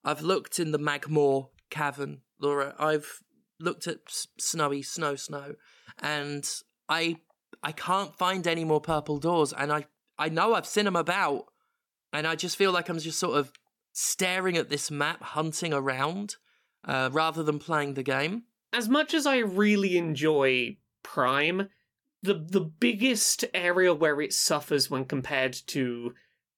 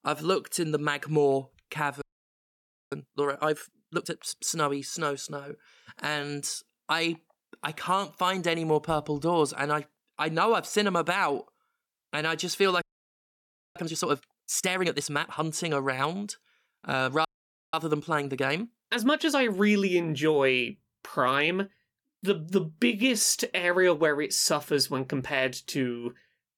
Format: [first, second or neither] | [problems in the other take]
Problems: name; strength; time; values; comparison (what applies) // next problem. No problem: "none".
first | audio freezing; at 2 s for 1 s, at 13 s for 1 s and at 17 s